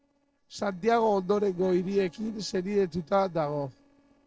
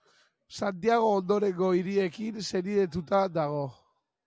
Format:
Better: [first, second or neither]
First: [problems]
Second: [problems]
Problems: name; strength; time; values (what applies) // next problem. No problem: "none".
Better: second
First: noise reduction (neural separator model SepFormer DNS4)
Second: none